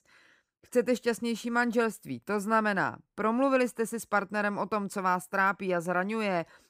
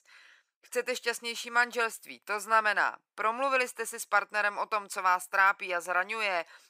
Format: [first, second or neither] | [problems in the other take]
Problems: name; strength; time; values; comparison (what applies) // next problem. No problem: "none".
first | thin; very; fading below 750 Hz